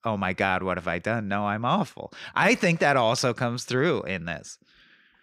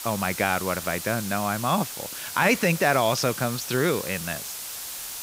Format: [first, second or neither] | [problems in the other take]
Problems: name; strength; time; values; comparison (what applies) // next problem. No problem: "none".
first | hiss; loud; throughout; 8 dB below the speech